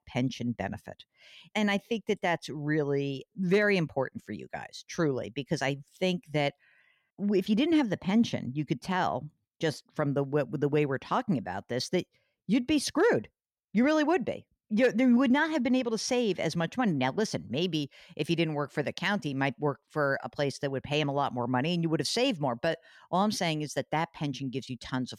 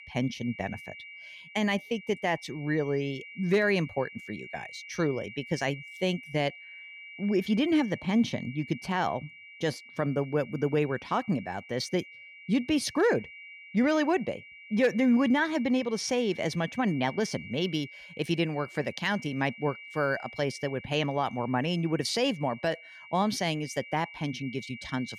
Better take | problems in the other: first | high-pitched whine; noticeable; throughout; 2.5 kHz, 15 dB below the speech

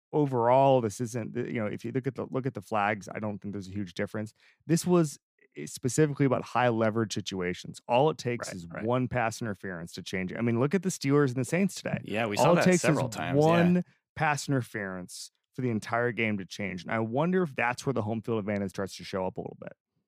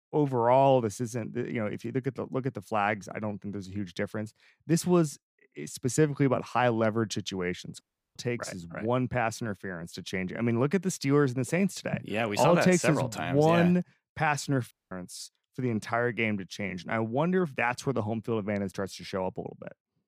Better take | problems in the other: first | audio cutting out; at 8 s and at 15 s

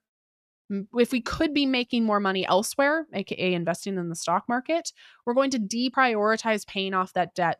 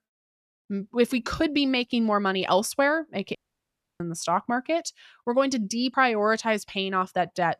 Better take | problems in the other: first | audio cutting out; at 3.5 s for 0.5 s

